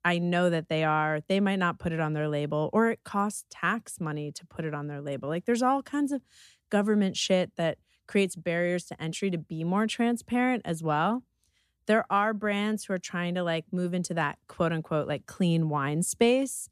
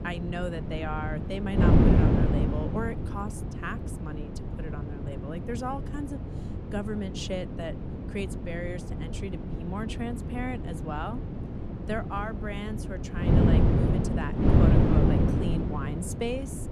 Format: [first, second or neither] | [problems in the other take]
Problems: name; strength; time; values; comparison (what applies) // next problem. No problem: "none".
first | wind noise on the microphone; heavy; 1 dB above the speech